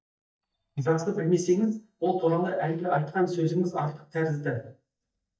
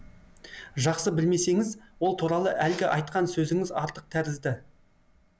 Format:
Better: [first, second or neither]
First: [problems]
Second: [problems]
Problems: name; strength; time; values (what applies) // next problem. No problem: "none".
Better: second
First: noise reduction (neural mask model DeepFilterNet 3)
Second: none